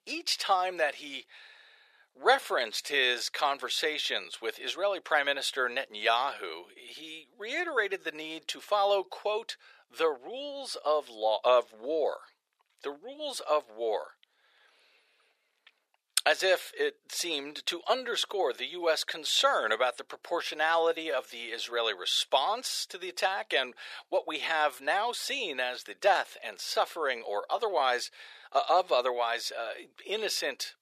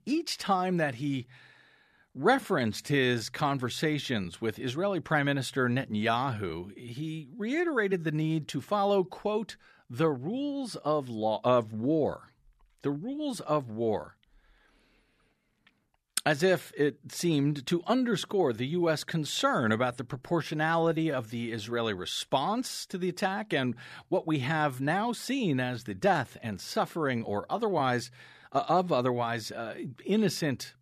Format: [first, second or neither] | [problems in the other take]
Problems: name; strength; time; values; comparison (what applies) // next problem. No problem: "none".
second | thin; very; fading below 500 Hz